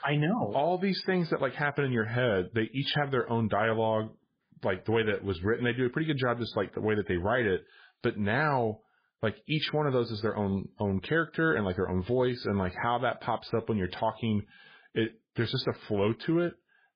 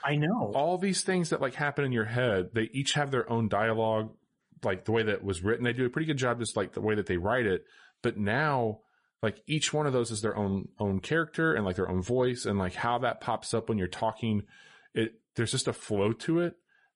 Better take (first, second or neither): second